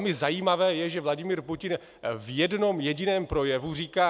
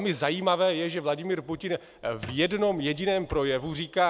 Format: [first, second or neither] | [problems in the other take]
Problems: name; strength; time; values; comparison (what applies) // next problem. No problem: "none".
first | background sound (Squeak); 20 dB below the speech